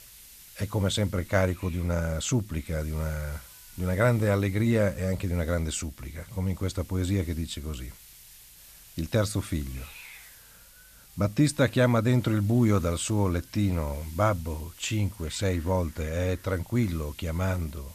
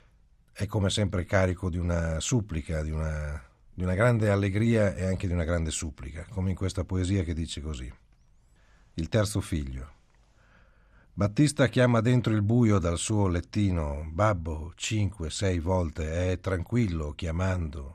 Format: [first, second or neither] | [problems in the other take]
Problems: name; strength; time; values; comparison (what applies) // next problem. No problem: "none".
second | hiss; faint; throughout; 20 dB below the speech